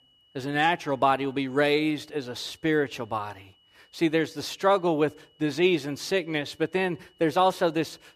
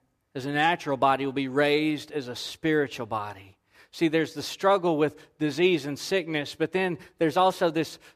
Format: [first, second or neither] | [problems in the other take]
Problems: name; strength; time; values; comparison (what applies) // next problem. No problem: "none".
second | high-pitched whine; faint; throughout; 3 kHz, 35 dB below the speech